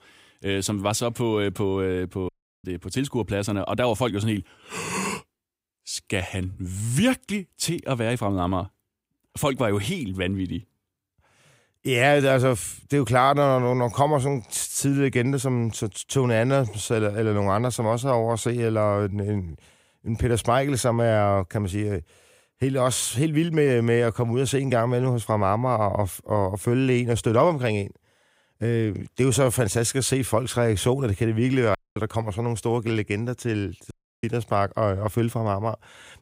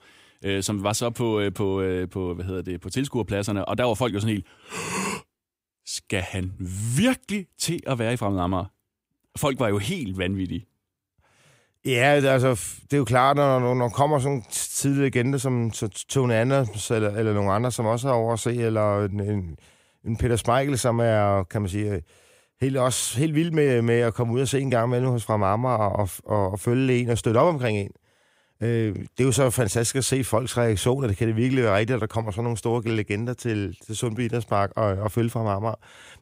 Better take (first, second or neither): second